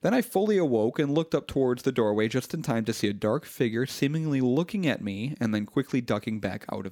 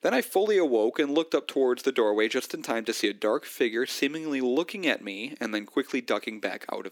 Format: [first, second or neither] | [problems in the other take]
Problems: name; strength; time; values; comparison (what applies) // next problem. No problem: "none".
first | thin; very slightly; fading below 300 Hz